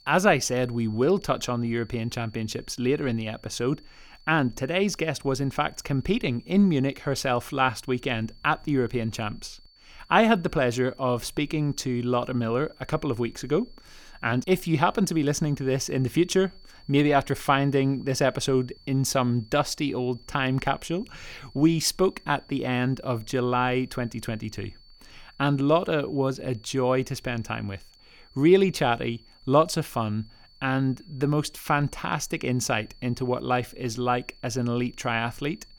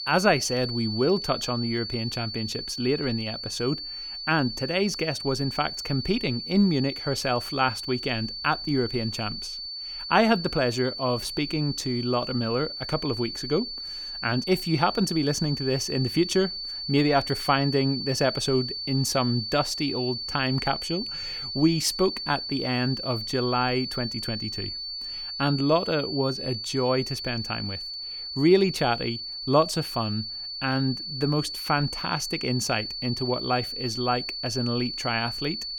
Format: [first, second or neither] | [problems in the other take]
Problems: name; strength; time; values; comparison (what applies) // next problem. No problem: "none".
first | high-pitched whine; loud; throughout; 4.5 kHz, 5 dB below the speech; faint in the first